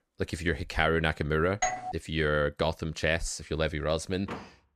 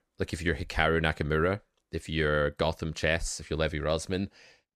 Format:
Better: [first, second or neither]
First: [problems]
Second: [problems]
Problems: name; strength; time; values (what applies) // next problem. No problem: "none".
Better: second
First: doorbell; noticeable; at 1.5 s; peak 1 dB below the speech // door banging; faint; at 4.5 s; peak 10 dB below the speech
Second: none